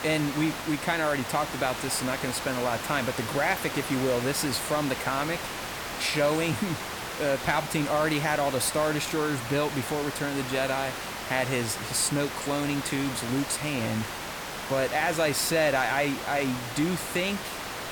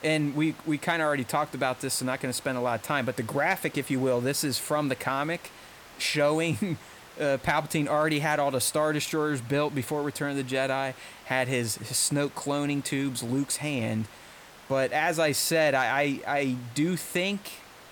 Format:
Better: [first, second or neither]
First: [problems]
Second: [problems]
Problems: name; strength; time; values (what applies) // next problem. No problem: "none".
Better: second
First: hiss; loud; throughout; 6 dB below the speech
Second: hiss; faint; throughout; 20 dB below the speech